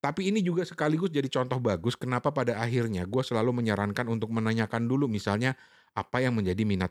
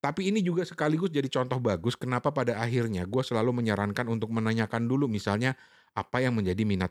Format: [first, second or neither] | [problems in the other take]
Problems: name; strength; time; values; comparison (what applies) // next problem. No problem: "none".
neither | none